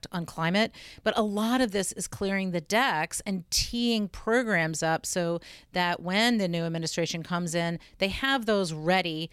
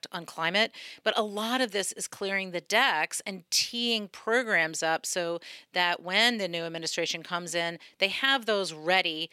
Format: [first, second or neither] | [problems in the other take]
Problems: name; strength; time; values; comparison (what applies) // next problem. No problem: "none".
first | thin; somewhat; fading below 300 Hz